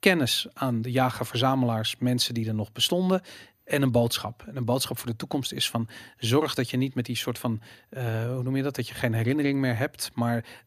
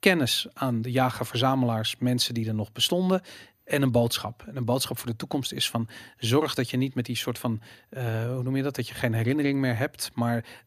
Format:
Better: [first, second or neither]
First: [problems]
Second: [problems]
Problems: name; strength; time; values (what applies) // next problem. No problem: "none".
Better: neither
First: none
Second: none